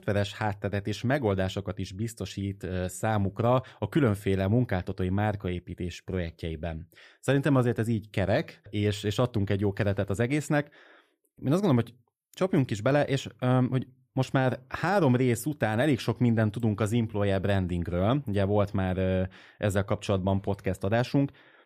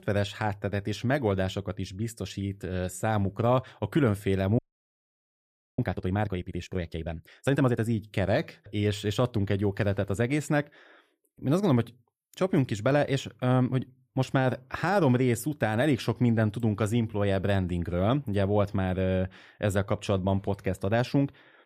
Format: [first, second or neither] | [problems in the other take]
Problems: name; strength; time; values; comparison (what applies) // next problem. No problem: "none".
first | audio freezing; at 4.5 s for 1 s